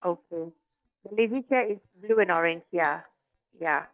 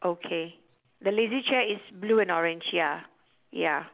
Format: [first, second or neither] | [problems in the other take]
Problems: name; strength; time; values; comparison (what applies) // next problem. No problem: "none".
second | noise reduction (neural mask model DeepFilterNet 3)